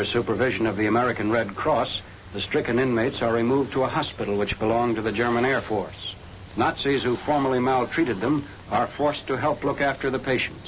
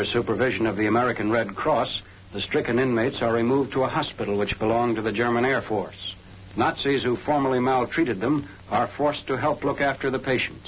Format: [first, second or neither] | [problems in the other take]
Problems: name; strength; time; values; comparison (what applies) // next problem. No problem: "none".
second | background sound (Water); 20 dB below the speech